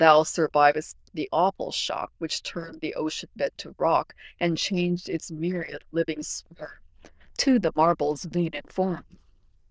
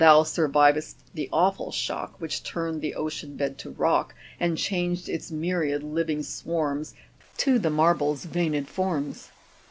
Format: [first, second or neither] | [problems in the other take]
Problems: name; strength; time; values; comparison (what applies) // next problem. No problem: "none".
second | noise reduction (neural diffusion model UNIVERSE++)